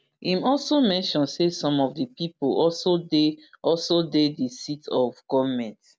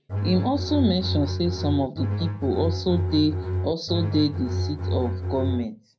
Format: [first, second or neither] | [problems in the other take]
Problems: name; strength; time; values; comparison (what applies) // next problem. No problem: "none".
first | background sound (Bowed string instrument); 1 dB below the speech // room echo; dies away in 0.4 s